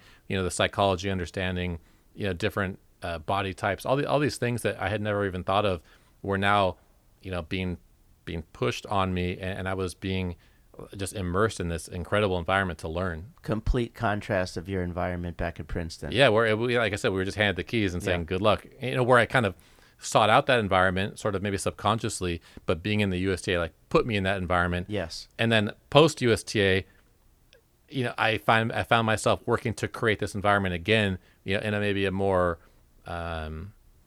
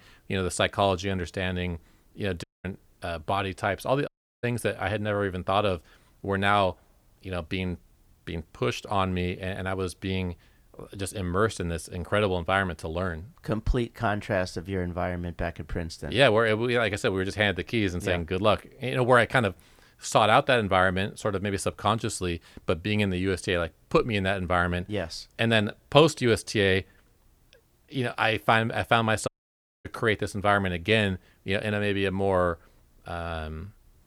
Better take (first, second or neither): first